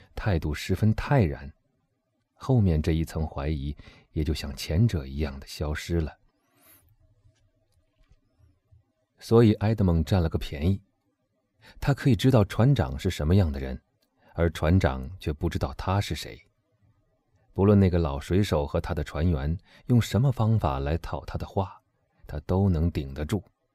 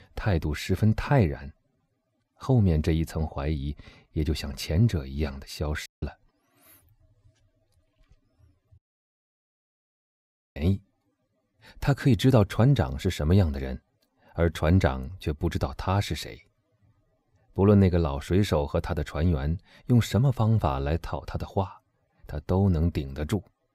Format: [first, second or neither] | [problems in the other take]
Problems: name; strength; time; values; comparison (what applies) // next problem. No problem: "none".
first | audio cutting out; at 6 s and at 9 s for 2 s